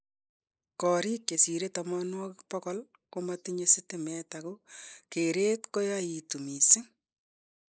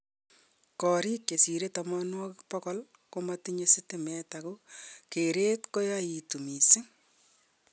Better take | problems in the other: second | noise reduction (neural mask model Resemble Enhance denoiser)

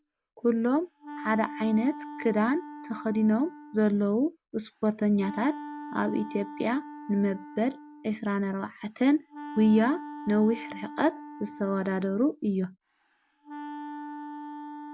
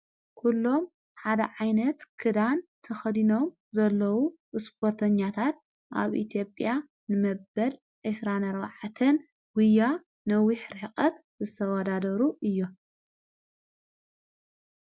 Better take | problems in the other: second | background sound (Wind instrument, woodwind instrument); 14 dB below the speech

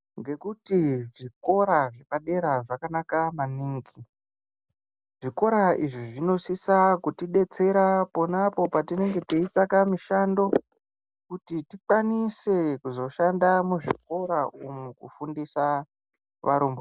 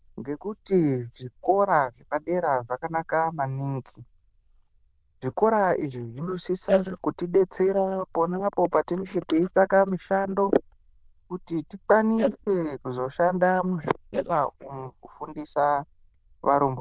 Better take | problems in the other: first | noise reduction (neural diffusion model UNIVERSE++)

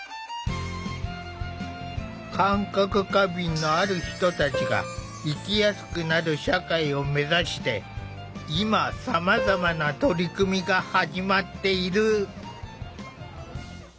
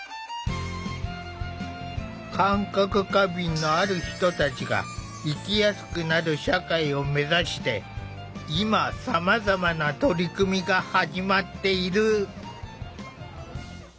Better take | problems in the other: second | background sound (Piano); 12 dB below the speech

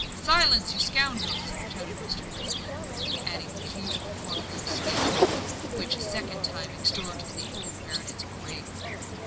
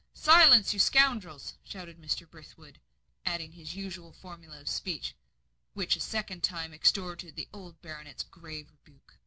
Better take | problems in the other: second | background sound (Cricket); as loud as the speech

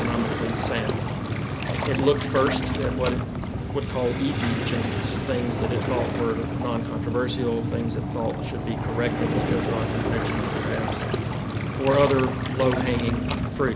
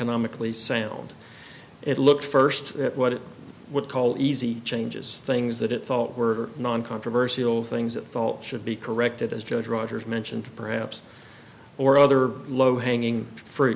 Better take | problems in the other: second | background sound (Waves, surf); 1 dB above the speech

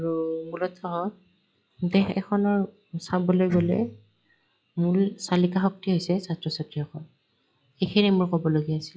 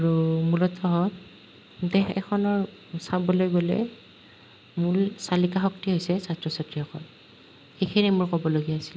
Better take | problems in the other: second | noise reduction (classical method log-MMSE)

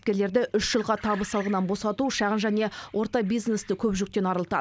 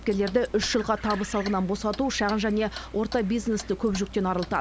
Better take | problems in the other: first | background sound (Clock); 15 dB below the speech

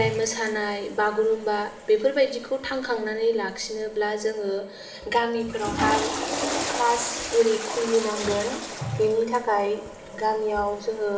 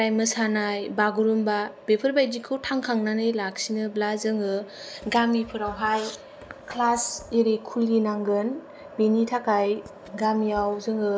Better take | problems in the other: second | background sound (Toilet flush / Water); 8 dB below the speech // room echo; dies away in 1.3 s

